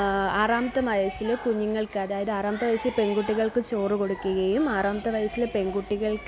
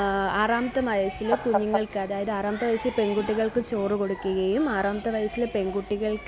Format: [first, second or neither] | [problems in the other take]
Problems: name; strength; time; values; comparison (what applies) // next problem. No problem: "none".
first | background sound (Fowl); 9 dB below the speech